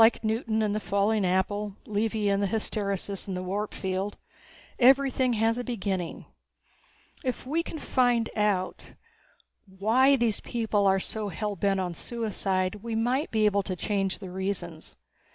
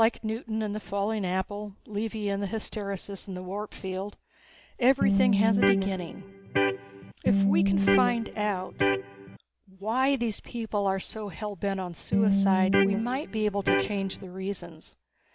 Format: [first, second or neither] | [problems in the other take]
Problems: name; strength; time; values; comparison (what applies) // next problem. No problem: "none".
first | background sound (Electric guitar); 4 dB above the speech